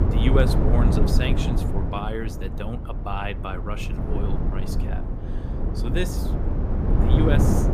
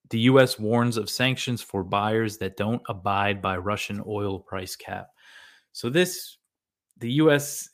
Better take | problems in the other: second | low rumble; loud; throughout; 2 dB below the speech

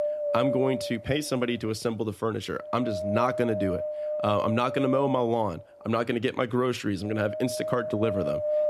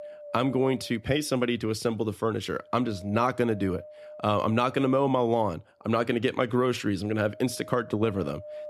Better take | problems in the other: second | wind noise on the microphone; heavy; 2 dB below the speech; occasional gusts in the second

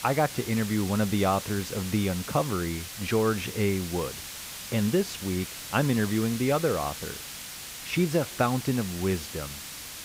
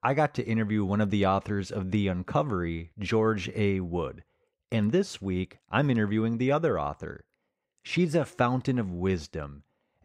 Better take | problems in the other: second | hiss; loud; throughout; 9 dB below the speech

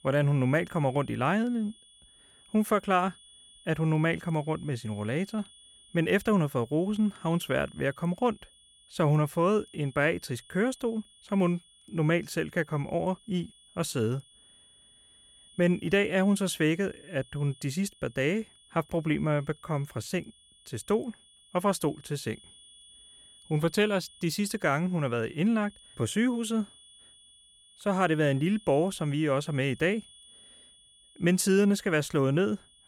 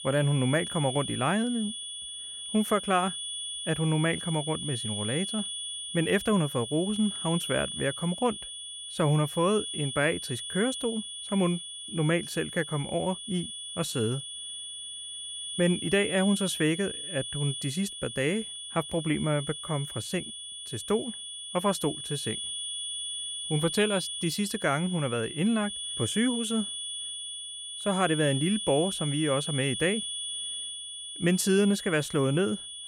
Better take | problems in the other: first | high-pitched whine; loud; throughout; 3.5 kHz, 6 dB below the speech; faint in the first

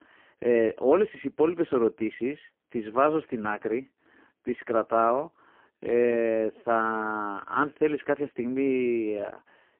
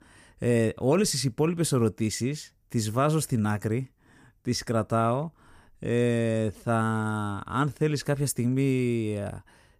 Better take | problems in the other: second | phone-call audio; poor line

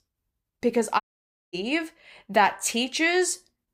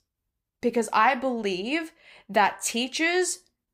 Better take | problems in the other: second | audio cutting out; at 1 s for 0.5 s

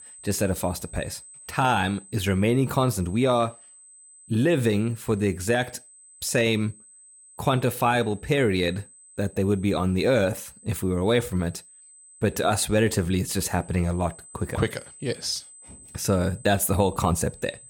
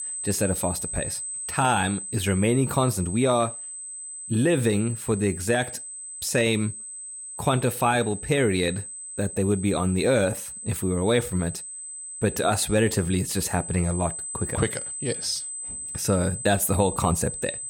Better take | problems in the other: first | high-pitched whine; loud; throughout; 8 kHz, 8 dB below the speech; faint in the first

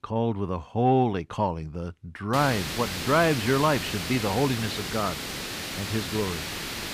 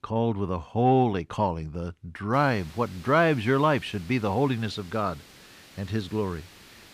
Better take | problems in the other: second | hiss; loud; from 2.5 s on; 5 dB below the speech; faint in the second

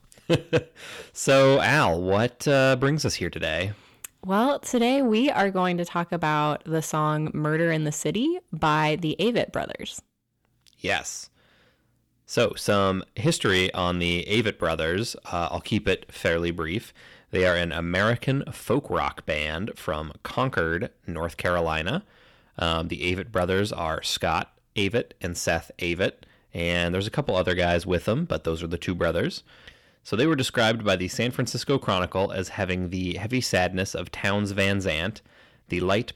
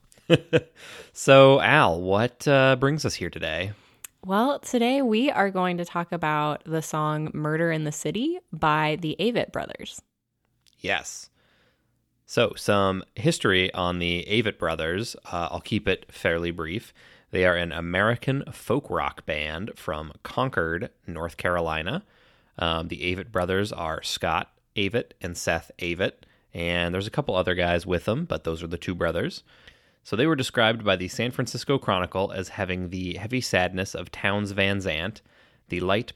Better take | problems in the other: second | distortion; slight; 10 dB below the speech

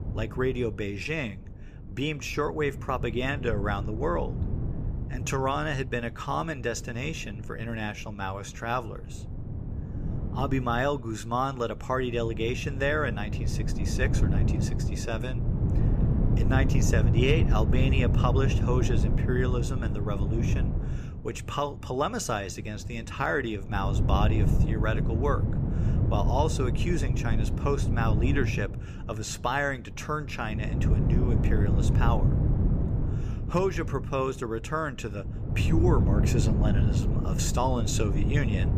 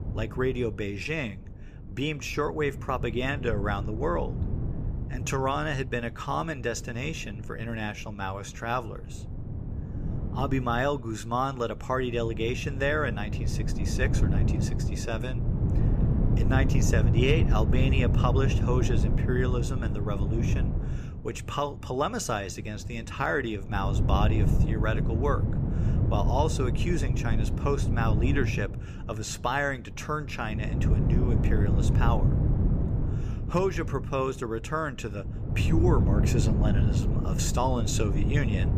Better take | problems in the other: neither | wind noise on the microphone; heavy; 7 dB below the speech; the same in both

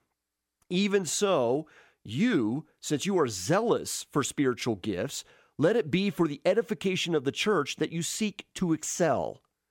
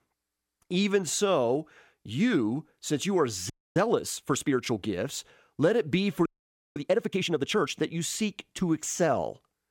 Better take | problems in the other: first | audio freezing; at 3.5 s and at 6.5 s for 0.5 s

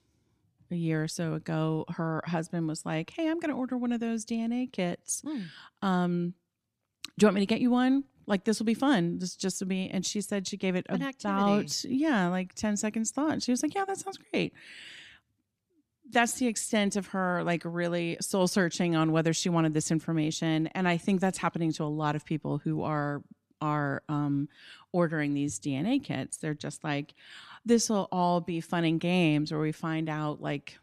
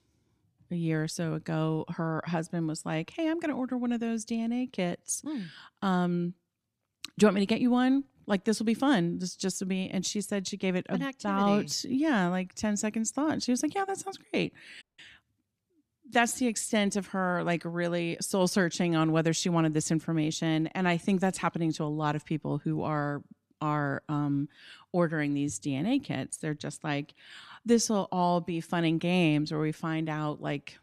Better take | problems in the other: first | audio cutting out; at 15 s

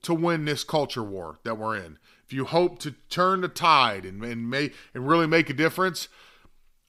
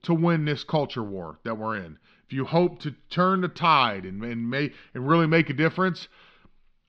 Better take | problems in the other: first | muffled; very slightly; fading above 4 kHz

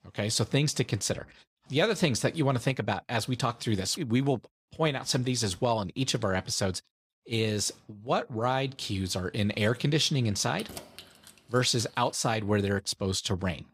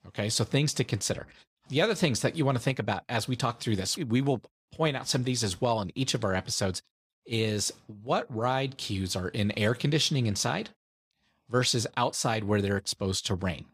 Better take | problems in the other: second | jangling keys; faint; from 11 to 12 s; peak 15 dB below the speech

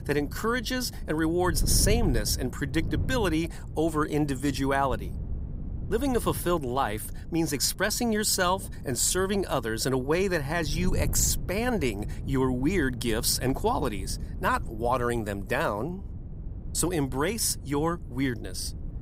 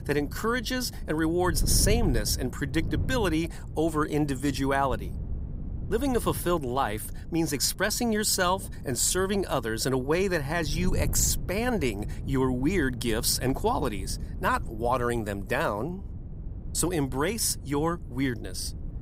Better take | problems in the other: neither | wind noise on the microphone; occasional gusts; 20 dB below the speech; the same in both

